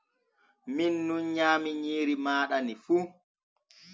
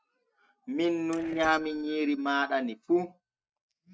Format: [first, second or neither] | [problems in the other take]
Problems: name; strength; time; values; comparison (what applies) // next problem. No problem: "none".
first | noise reduction (neural mask model RNNoise)